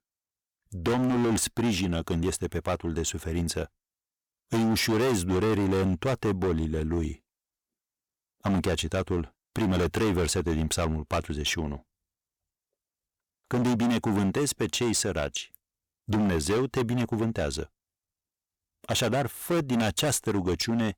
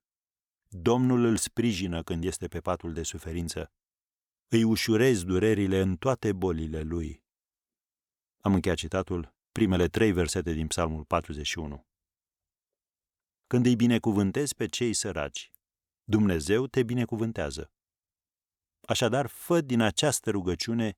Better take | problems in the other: second | distortion; heavy; 16% of the sound clipped

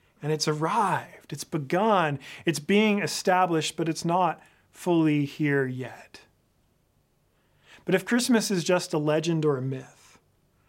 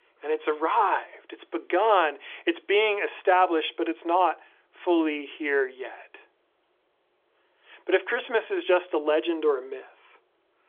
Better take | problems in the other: first | phone-call audio; nothing above 3.5 kHz

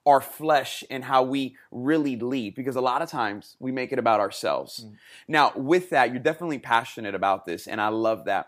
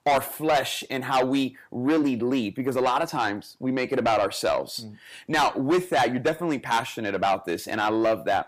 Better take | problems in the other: first | distortion; heavy; 7 dB below the speech

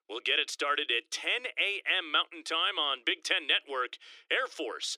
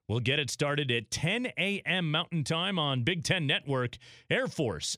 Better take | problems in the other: second | thin; very; fading below 300 Hz

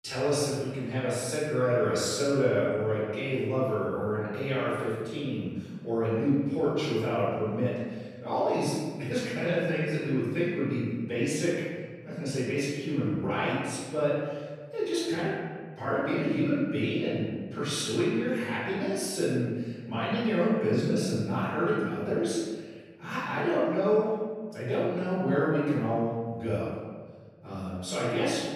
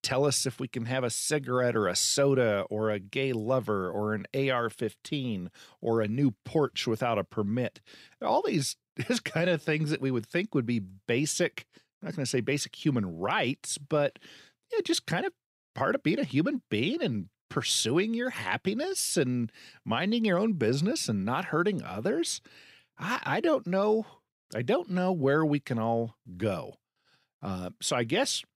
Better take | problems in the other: second | room echo; strong; dies away in 1.5 s // off-mic speech; far

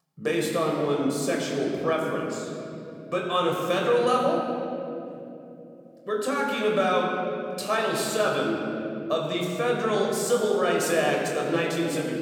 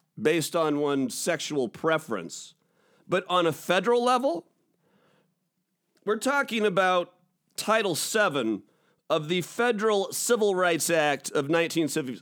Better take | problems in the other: second | off-mic speech; somewhat distant // room echo; noticeable; dies away in 3 s

